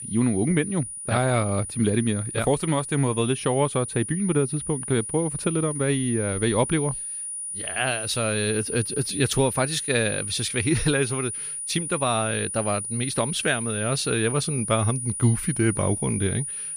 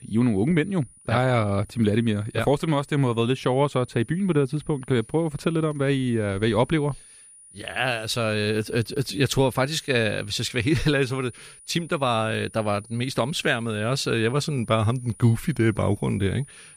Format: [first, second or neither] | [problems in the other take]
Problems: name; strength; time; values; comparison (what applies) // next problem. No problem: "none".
second | high-pitched whine; loud; throughout; 9.5 kHz, 5 dB below the speech; faint in the second